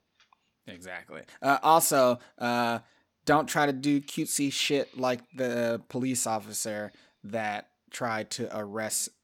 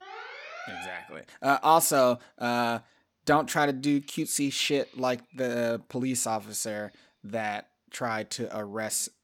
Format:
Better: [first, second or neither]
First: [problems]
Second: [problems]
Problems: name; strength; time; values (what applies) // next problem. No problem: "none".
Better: first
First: none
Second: alarm; faint; until 1 s; peak 10 dB below the speech